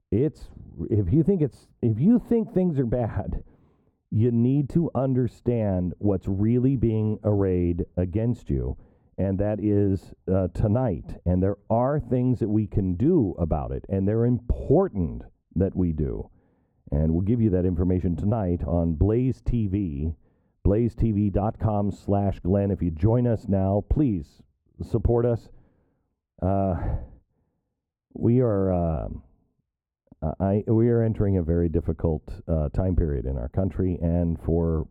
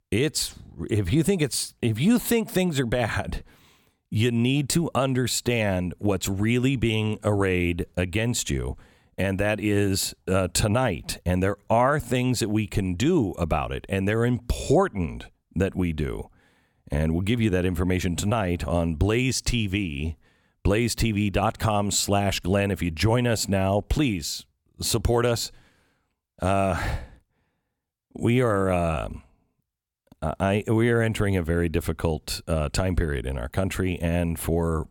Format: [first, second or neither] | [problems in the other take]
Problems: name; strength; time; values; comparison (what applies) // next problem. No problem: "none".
second | muffled; very; fading above 1.5 kHz